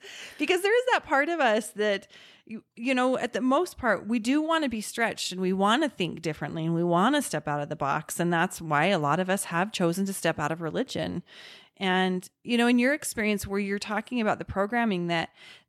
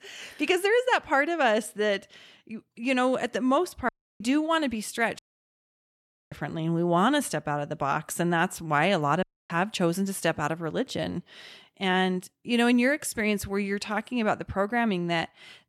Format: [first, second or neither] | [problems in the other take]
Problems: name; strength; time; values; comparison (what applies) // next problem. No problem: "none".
first | audio cutting out; at 4 s, at 5 s for 1 s and at 9 s